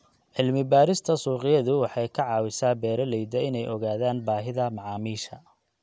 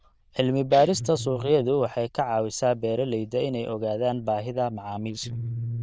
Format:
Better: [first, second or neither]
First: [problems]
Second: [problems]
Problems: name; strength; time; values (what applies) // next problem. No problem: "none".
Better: first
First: none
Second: noise reduction (neural diffusion model UNIVERSE++)